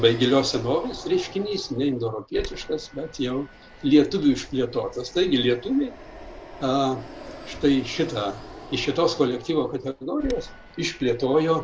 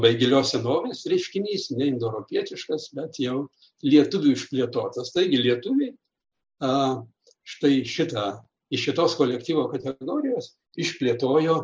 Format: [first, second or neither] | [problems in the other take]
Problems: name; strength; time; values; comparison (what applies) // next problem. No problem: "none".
second | background sound (Fixed-wing aircraft, airplane); 16 dB below the speech